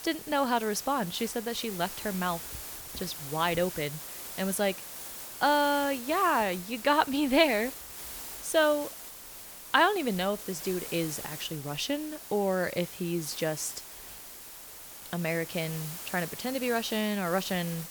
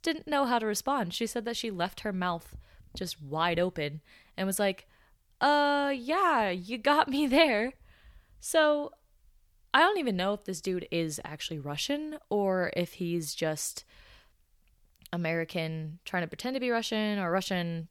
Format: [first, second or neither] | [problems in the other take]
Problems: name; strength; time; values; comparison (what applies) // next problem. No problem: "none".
second | hiss; noticeable; throughout; 10 dB below the speech